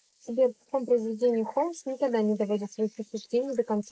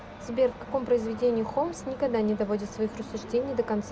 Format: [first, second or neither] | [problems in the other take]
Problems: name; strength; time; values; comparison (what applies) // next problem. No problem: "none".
second | noise reduction (neural mask model Resemble Enhance denoiser)